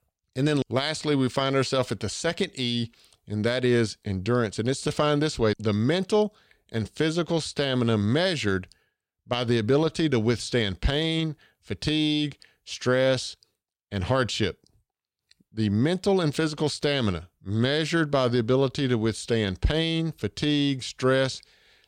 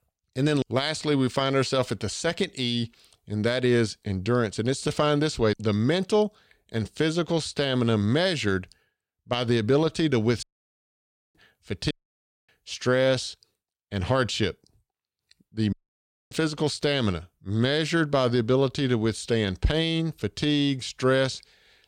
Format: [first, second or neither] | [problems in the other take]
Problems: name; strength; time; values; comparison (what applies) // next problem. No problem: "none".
first | audio cutting out; at 10 s for 1 s, at 12 s for 0.5 s and at 16 s for 0.5 s